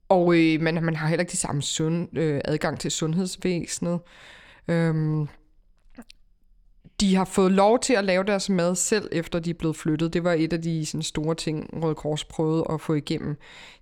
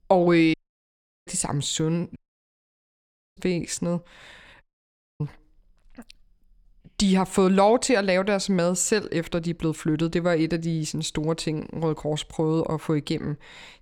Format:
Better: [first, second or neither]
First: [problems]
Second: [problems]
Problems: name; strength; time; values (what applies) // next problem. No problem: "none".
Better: first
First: none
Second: audio cutting out; at 0.5 s for 0.5 s, at 2 s for 1 s and at 4.5 s for 0.5 s